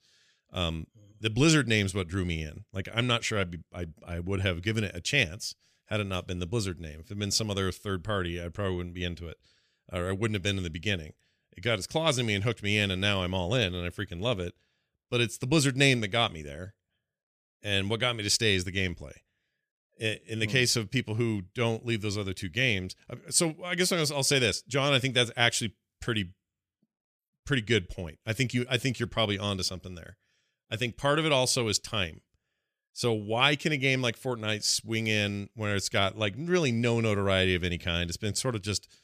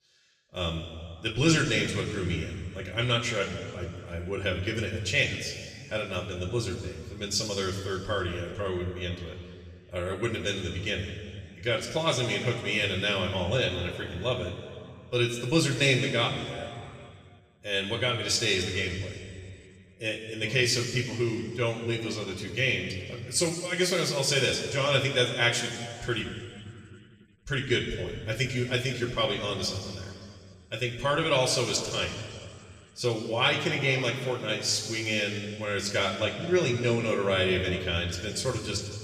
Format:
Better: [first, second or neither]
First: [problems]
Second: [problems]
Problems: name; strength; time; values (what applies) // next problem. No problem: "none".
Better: first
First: none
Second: room echo; noticeable; dies away in 2.2 s // off-mic speech; somewhat distant